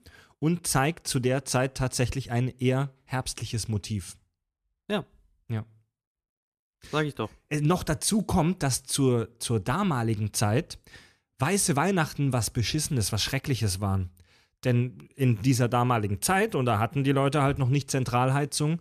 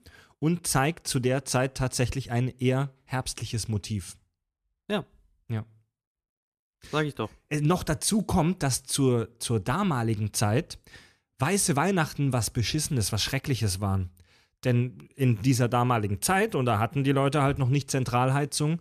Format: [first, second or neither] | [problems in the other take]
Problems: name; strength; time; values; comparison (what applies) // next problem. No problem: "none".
neither | none